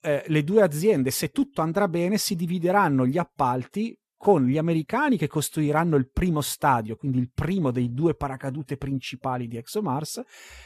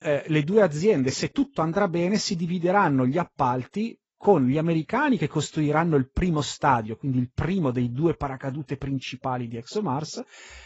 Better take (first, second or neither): first